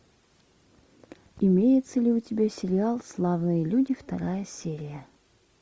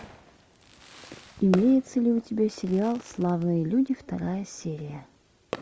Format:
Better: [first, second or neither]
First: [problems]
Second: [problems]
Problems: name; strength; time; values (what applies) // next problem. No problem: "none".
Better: first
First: none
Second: background sound (Fireworks); 16 dB below the speech